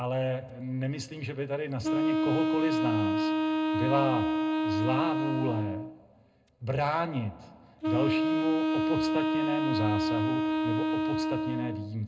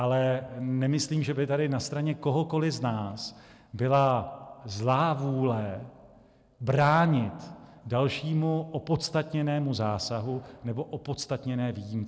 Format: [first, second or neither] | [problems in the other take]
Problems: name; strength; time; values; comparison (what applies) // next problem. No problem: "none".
second | background sound (Wind instrument, woodwind instrument); 4 dB above the speech // room echo; dies away in 0.2 s